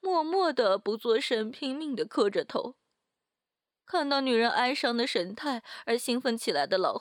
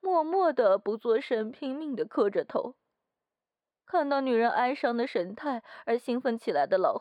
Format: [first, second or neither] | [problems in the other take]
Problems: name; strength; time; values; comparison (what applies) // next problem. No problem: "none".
first | muffled; very; fading above 3 kHz